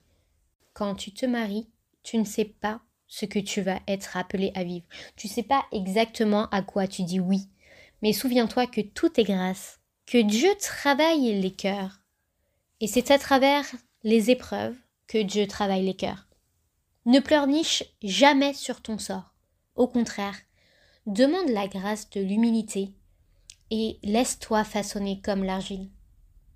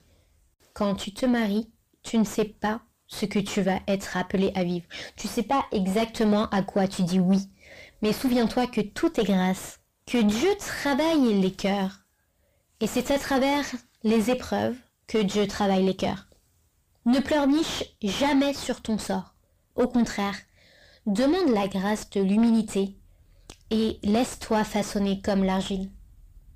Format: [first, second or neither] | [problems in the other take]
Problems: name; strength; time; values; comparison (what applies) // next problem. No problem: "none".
first | distortion; heavy; 5 dB below the speech